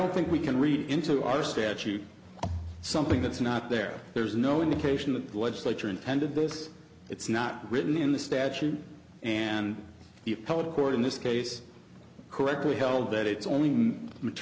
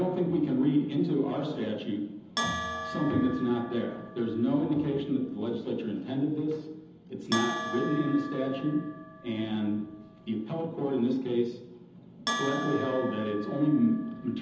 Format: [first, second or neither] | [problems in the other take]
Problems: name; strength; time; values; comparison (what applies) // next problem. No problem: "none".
first | background sound (Bell); 11 dB below the speech // room echo; dies away in 0.8 s